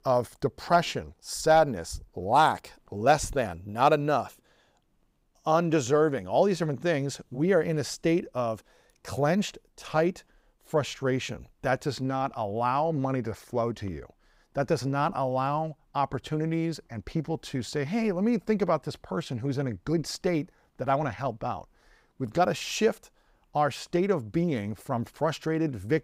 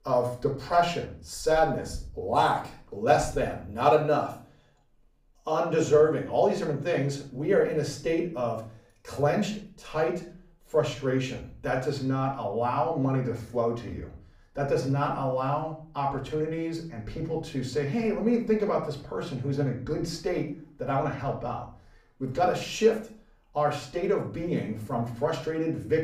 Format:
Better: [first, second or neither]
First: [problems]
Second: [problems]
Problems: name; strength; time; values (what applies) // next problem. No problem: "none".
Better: first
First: none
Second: room echo; slight; dies away in 0.4 s // off-mic speech; far